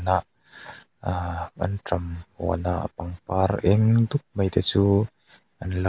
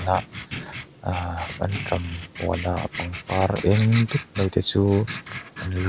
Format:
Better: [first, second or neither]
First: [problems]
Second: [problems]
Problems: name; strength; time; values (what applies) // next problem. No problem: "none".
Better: first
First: none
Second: noise reduction (neural mask model Resemble Enhance denoiser)